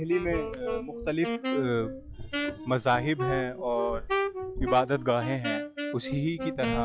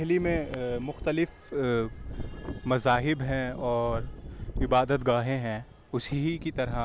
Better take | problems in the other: second | noise reduction (classical method log-MMSE)

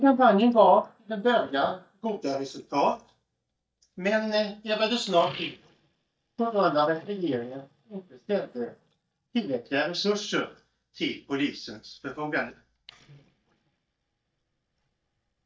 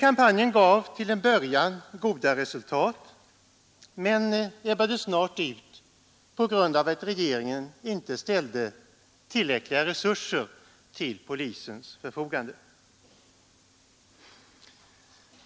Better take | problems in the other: second | noise reduction (neural mask model DeepFilterNet 3)

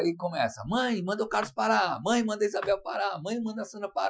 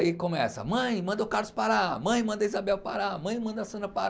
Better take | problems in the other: second | noise reduction (classical method Wiener filter)

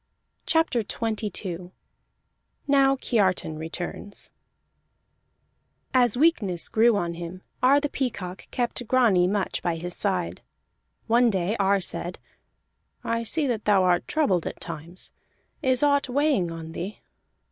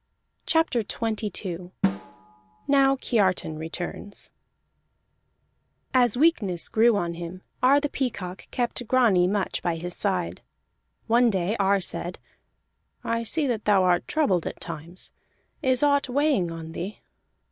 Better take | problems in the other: first | background sound (Drum); 9 dB below the speech

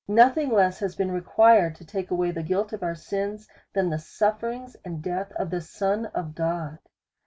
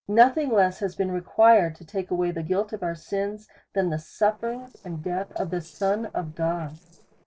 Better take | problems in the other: first | noise reduction (neural separator model SepFormer DNS4)

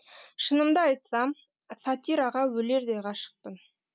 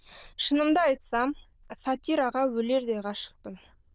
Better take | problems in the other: first | noise reduction (neural diffusion model UNIVERSE++)

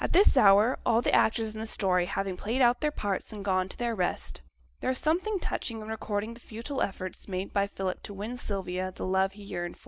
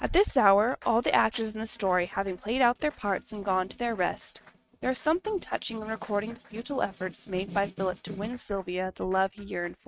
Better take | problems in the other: first | noise reduction (neural mask model RNNoise)

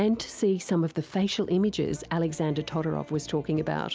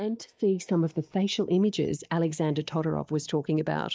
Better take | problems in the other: first | noise reduction (neural mask model DeepFilterNet 3)

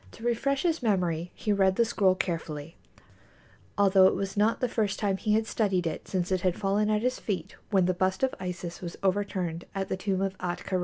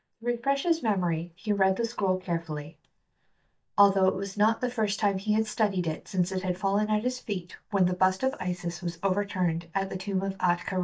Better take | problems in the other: first | noise reduction (neural mask model DeepFilterNet 3)

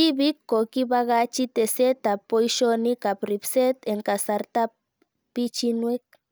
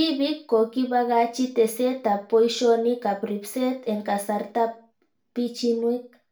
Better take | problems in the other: first | room echo; dies away in 0.3 s

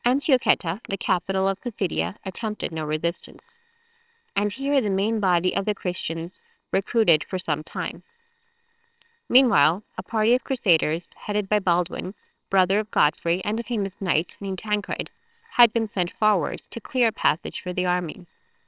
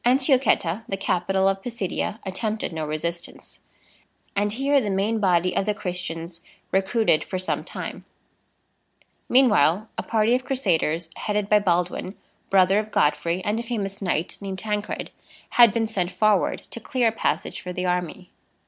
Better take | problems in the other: second | noise reduction (neural separator model SepFormer WHAMR!)

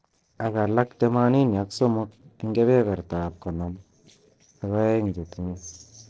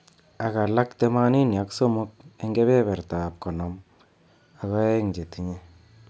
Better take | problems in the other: second | noise reduction (neural separator model SepFormer DNS4)

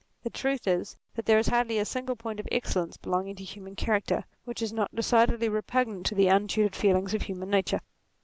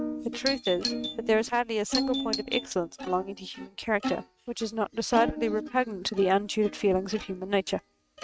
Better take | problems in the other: first | noise reduction (neural mask model RNNoise)

